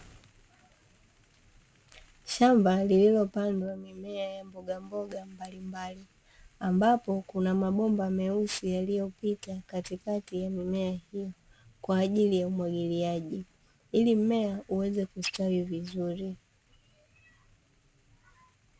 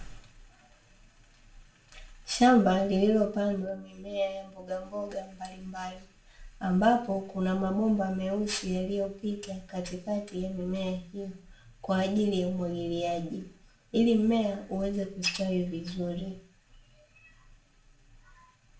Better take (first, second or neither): first